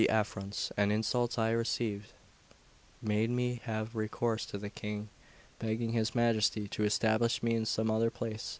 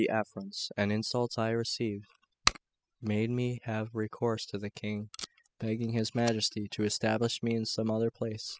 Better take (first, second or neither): first